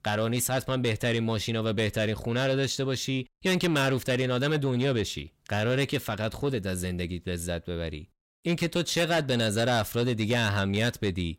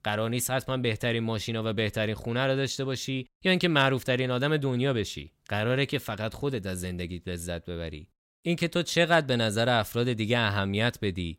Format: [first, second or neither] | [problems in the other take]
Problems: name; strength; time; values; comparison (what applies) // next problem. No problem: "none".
second | distortion; slight; 10 dB below the speech